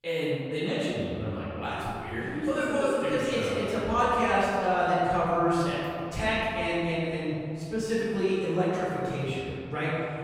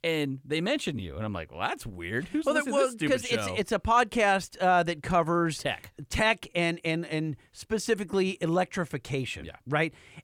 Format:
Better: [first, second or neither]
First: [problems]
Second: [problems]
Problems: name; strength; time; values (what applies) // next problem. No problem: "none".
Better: second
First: off-mic speech; far // room echo; strong; dies away in 2.4 s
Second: none